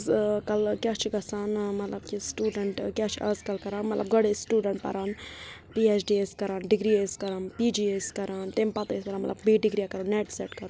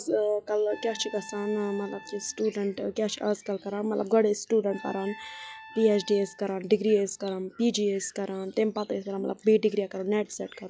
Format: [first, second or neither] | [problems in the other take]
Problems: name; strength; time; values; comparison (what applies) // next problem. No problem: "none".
first | noise reduction (classical method log-MMSE)